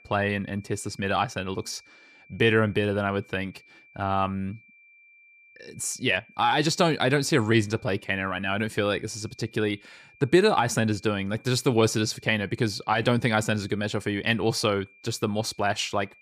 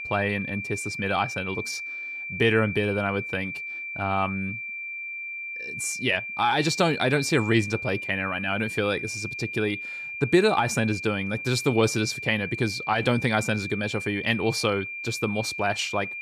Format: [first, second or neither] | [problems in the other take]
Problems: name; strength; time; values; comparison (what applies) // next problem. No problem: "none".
first | high-pitched whine; loud; throughout; 2.5 kHz, 6 dB below the speech; faint in the first